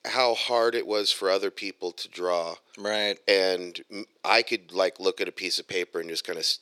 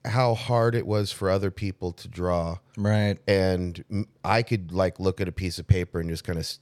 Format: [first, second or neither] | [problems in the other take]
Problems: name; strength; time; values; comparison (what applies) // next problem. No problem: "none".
second | thin; very; fading below 350 Hz